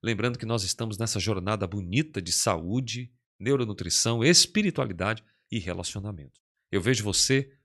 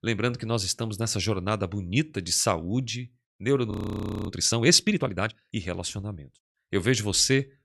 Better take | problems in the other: first | audio freezing; at 3.5 s for 0.5 s

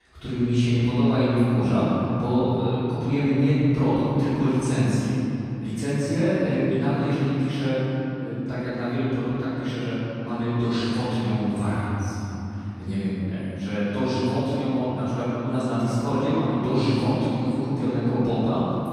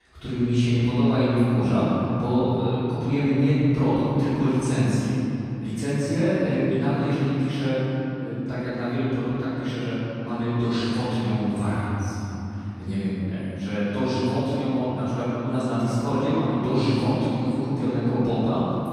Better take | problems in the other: neither | room echo; strong; dies away in 3 s; the same in both // off-mic speech; far; the same in both

